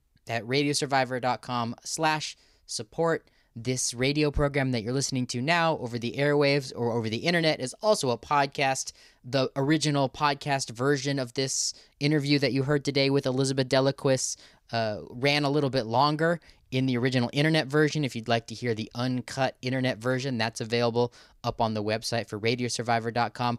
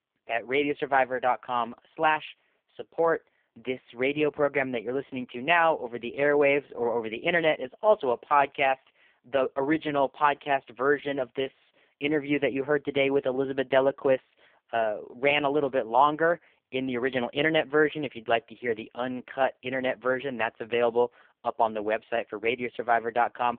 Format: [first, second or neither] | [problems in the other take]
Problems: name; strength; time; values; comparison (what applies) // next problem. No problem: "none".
first | phone-call audio; poor line